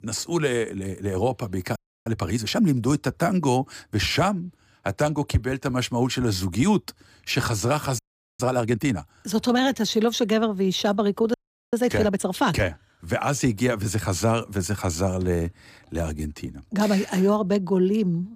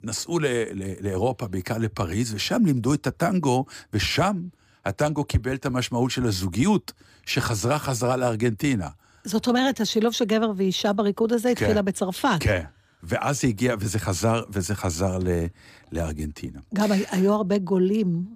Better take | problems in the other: second | audio freezing; at 2 s, at 8 s and at 11 s

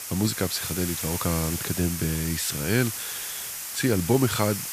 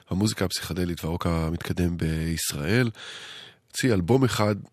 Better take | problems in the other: second | hiss; loud; throughout; 4 dB below the speech

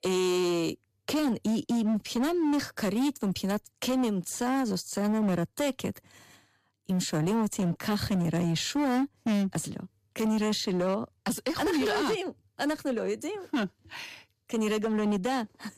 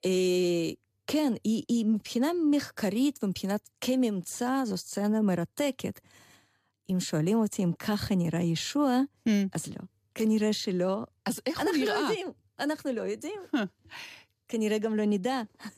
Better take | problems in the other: second | distortion; slight; 17% of the sound clipped

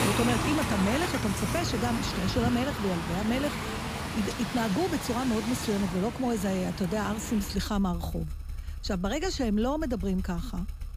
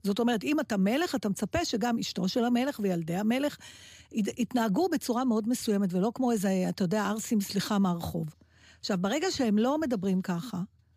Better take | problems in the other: second | traffic noise; loud; throughout; 4 dB below the speech

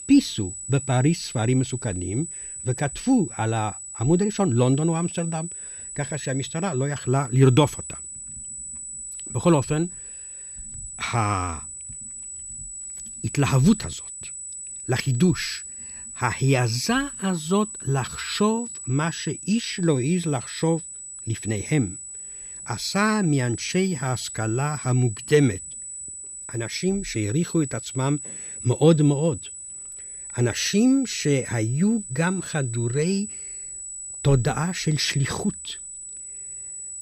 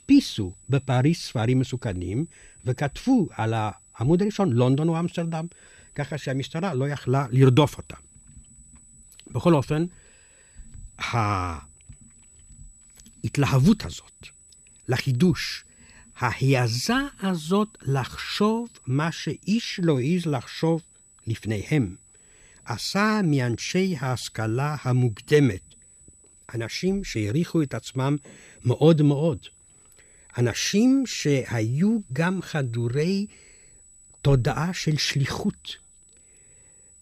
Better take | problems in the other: second | high-pitched whine; loud; throughout; 8 kHz, 10 dB below the speech; faint in the second

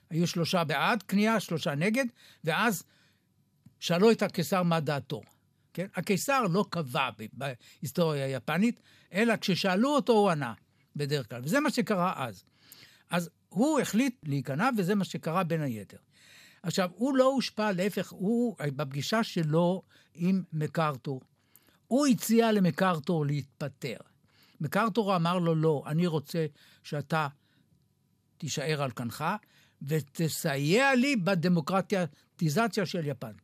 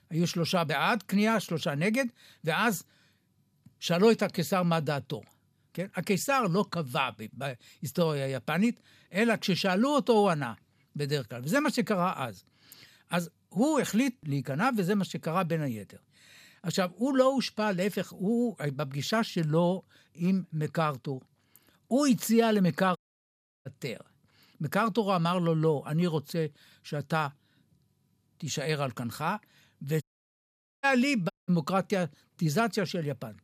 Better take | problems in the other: first | audio cutting out; at 23 s for 0.5 s, at 30 s for 1 s and at 31 s

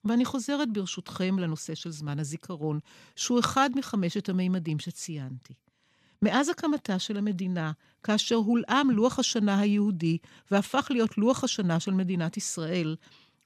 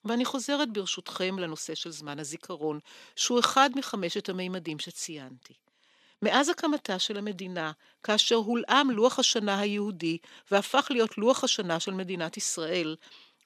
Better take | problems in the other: first | thin; somewhat; fading below 400 Hz

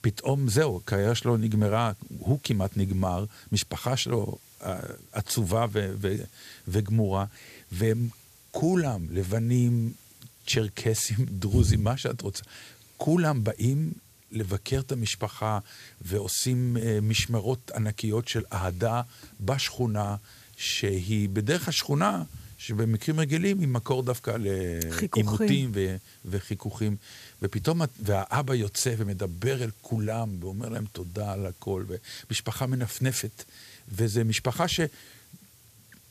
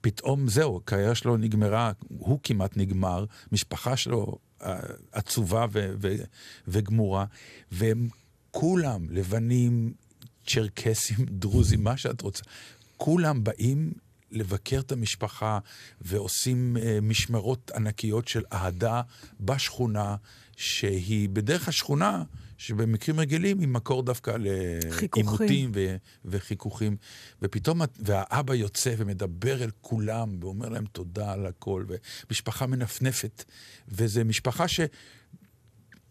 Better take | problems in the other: second | hiss; faint; throughout; 25 dB below the speech

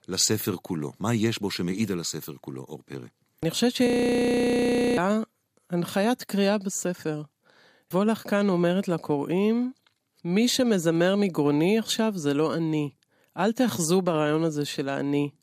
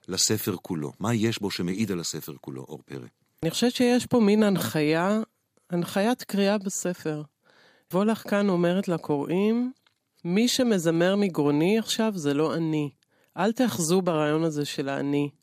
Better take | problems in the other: second | audio freezing; at 4 s for 1 s

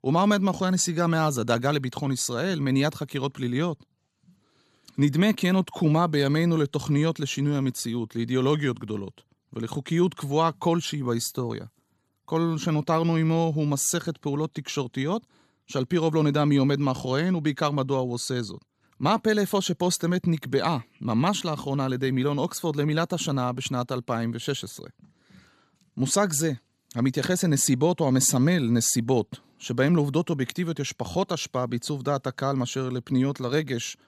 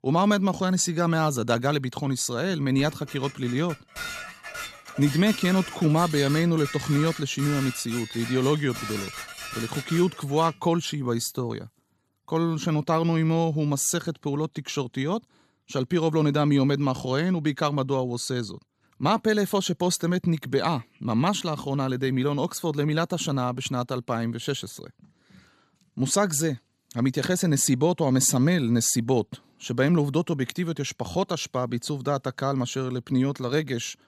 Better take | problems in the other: first | clattering dishes; noticeable; from 3 to 11 s; peak 8 dB below the speech

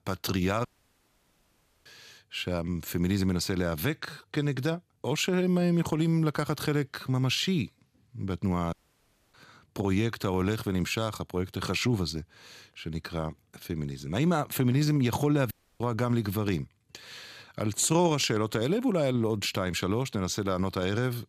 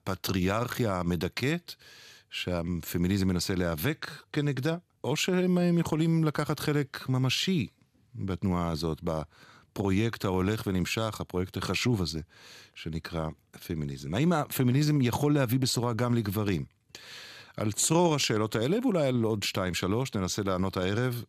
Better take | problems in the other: second | audio cutting out; at 0.5 s for 1 s, at 8.5 s for 0.5 s and at 16 s

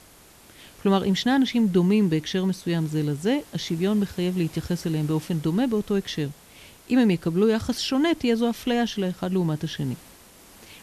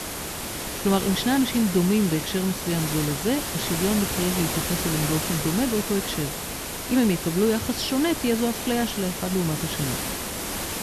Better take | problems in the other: first | hiss; loud; throughout; 3 dB below the speech; faint in the first

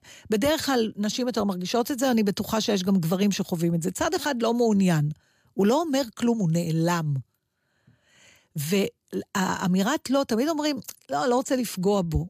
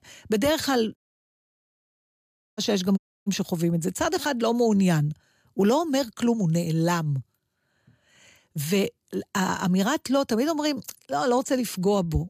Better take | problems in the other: first | audio cutting out; at 1 s for 1.5 s and at 3 s

